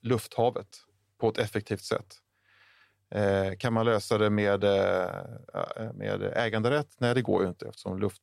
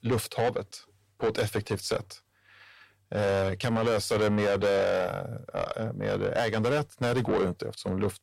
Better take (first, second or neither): first